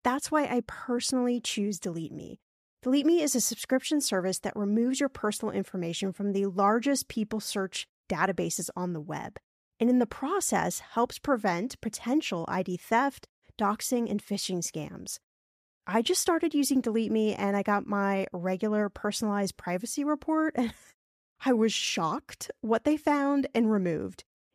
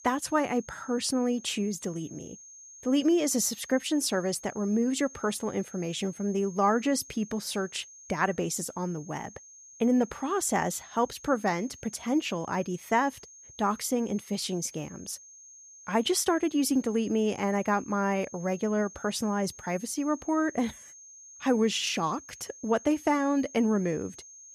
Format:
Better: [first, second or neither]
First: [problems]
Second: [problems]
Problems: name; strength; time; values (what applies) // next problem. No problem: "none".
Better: first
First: none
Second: high-pitched whine; noticeable; throughout; 6.5 kHz, 20 dB below the speech